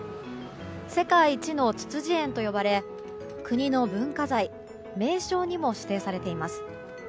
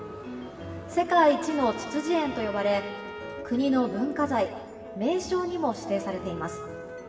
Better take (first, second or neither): first